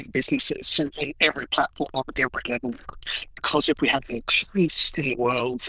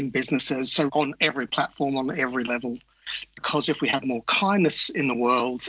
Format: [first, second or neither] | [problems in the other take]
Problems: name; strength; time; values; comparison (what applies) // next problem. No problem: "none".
second | noise reduction (neural diffusion model UNIVERSE++)